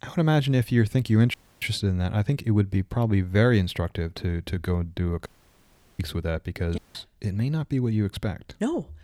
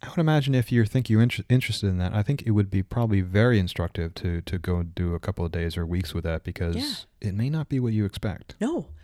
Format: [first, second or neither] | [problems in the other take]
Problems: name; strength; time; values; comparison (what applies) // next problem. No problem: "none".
second | audio cutting out; at 1.5 s, at 5.5 s for 0.5 s and at 7 s